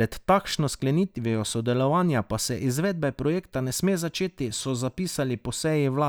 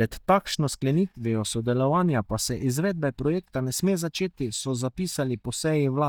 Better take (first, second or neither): first